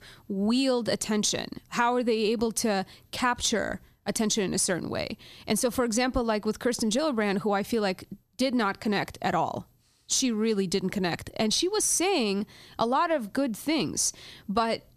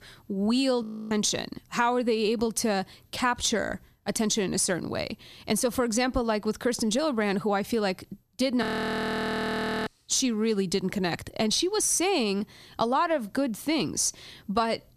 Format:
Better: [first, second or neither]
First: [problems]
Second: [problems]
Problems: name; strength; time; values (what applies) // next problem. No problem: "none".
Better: first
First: none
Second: audio freezing; at 1 s and at 8.5 s for 1 s